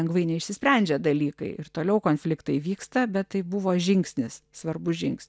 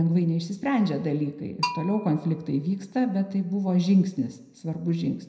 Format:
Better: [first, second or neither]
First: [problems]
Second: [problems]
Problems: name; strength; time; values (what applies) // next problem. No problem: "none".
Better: first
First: none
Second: background sound (Bell); 13 dB below the speech // room echo; dies away in 0.8 s